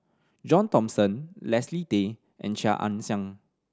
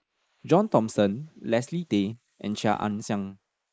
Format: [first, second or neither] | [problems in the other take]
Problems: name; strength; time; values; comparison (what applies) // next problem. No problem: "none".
first | noise reduction (neural mask model Resemble Enhance denoiser)